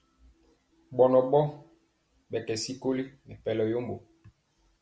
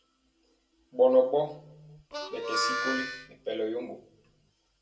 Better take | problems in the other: first | background sound (Harmonica); 3 dB below the speech // room echo; dies away in 0.2 s

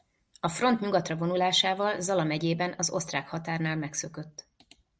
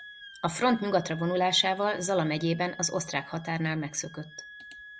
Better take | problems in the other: first | background sound (Wind instrument, woodwind instrument); 19 dB below the speech

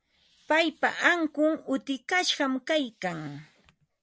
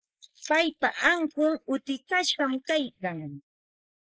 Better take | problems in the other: first | noise reduction (neural mask model Resemble Enhance denoiser)

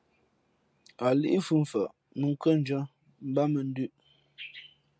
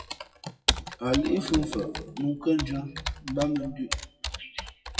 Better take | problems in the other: first | noise reduction (classical method WPE with log-MMSE)

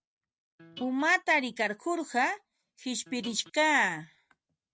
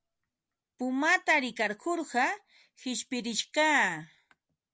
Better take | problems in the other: second | noise reduction (neural mask model RNNoise)

